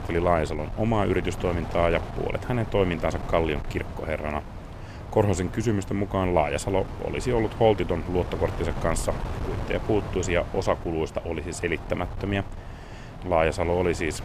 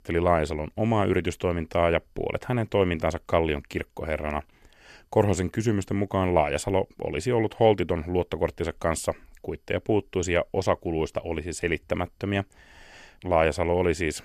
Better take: second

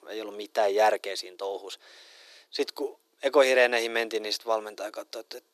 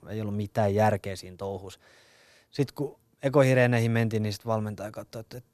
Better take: second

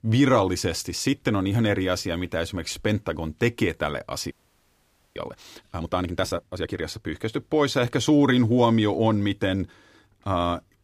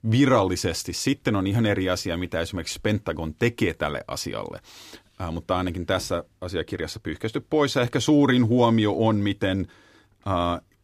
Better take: second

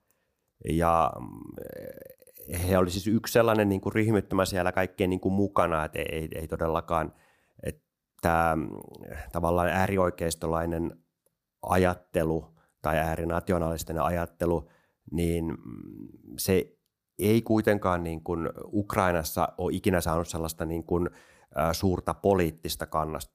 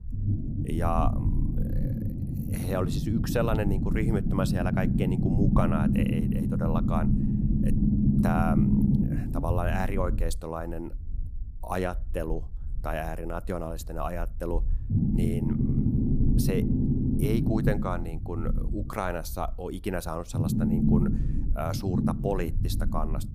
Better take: first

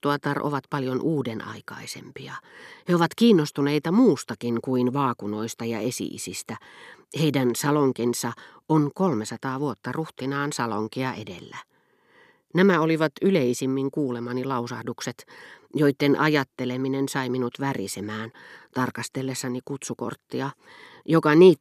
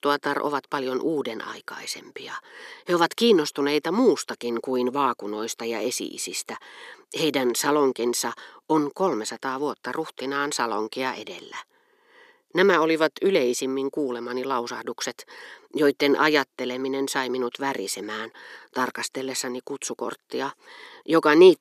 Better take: first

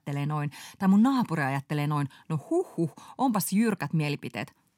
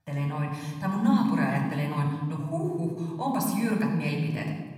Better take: first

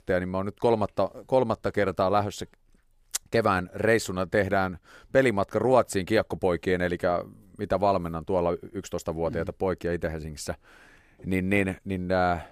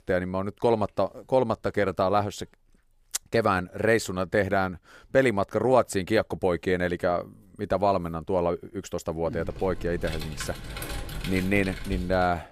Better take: first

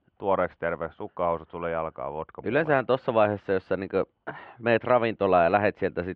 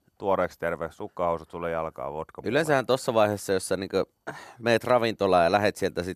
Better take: second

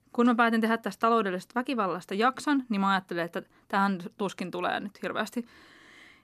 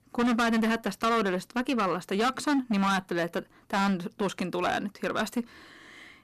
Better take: first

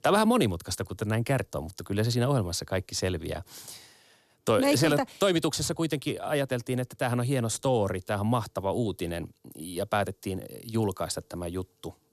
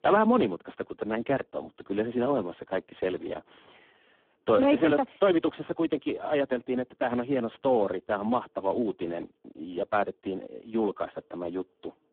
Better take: first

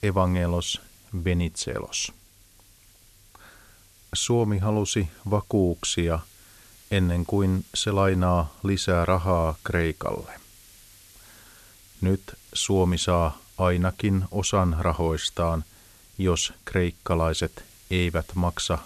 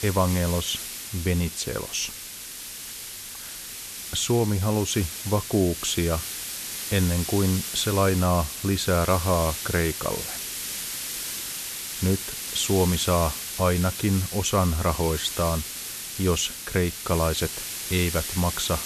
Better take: first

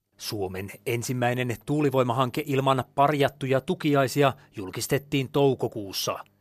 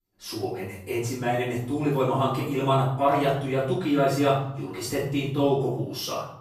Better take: first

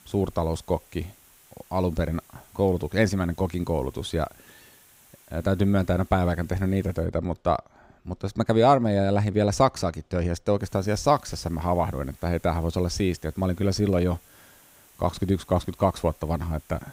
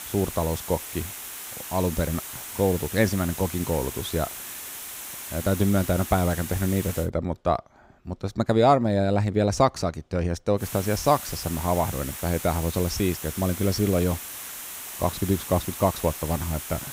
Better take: first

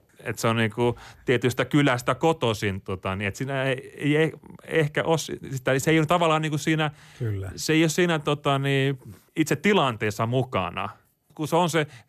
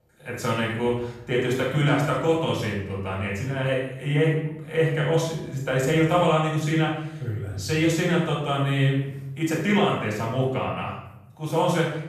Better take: first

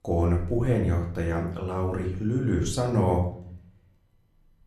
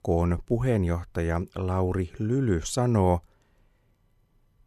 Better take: second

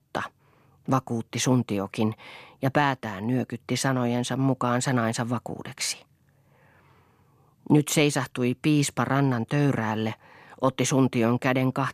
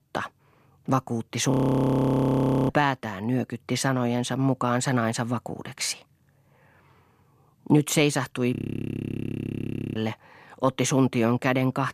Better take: first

